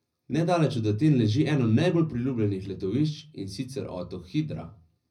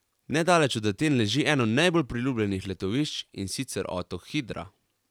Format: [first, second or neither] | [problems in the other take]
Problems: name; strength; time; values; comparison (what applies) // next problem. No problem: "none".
second | room echo; dies away in 0.4 s